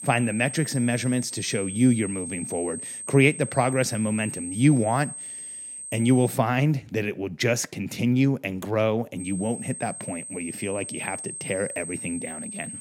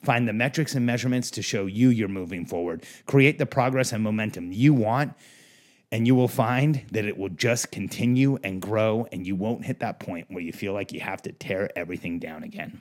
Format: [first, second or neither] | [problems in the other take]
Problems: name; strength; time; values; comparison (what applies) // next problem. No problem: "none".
second | high-pitched whine; loud; until 6.5 s and from 9 s on; 8.5 kHz, 9 dB below the speech